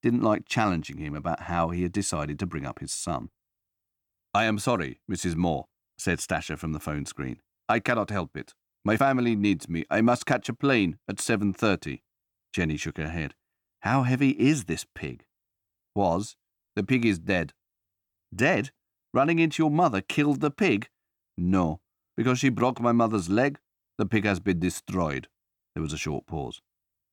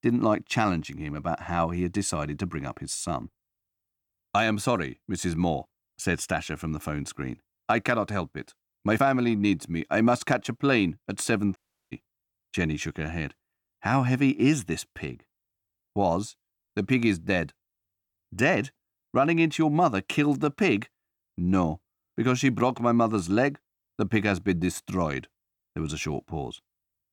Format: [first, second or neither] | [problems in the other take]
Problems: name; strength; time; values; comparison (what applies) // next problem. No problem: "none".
first | audio cutting out; at 12 s